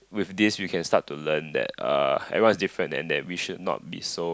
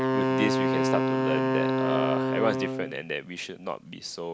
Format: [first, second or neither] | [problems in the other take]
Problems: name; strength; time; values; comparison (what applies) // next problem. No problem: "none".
first | background sound (Wind instrument, woodwind instrument); 4 dB above the speech